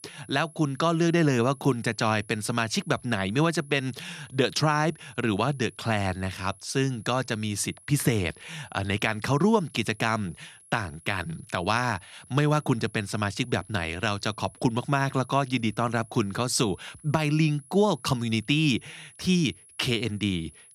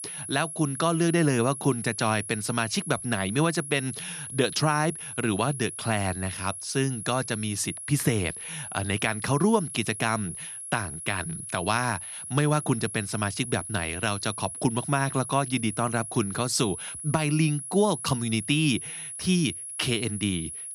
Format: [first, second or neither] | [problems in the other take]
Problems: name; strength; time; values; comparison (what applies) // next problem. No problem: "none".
first | high-pitched whine; loud; throughout; 10.5 kHz, 8 dB below the speech; faint in the first